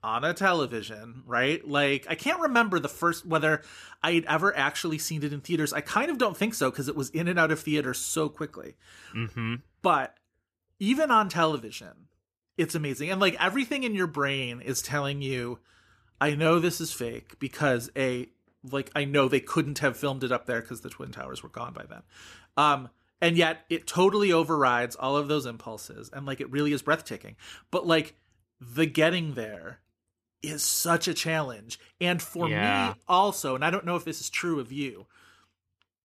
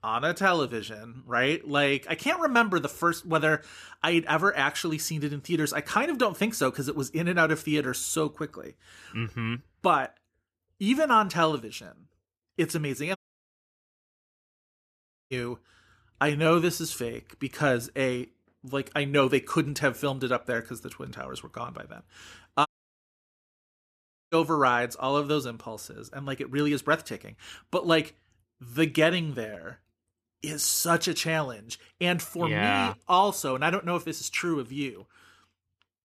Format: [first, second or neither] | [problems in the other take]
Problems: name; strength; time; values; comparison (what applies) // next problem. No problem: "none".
first | audio cutting out; at 13 s for 2 s and at 23 s for 1.5 s